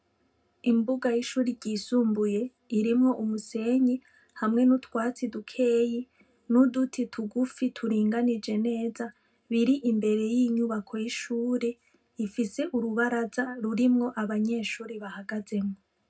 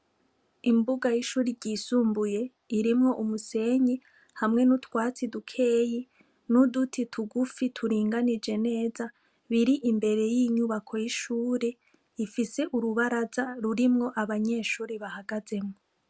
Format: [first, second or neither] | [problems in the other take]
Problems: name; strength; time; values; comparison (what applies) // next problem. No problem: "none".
second | room echo; dies away in 0.2 s